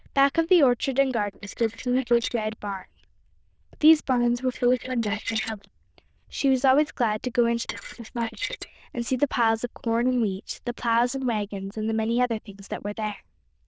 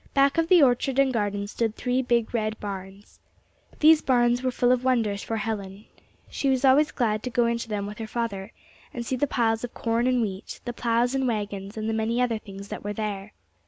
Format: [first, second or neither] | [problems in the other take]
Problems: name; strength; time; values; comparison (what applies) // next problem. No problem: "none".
second | noise reduction (neural diffusion model UNIVERSE++)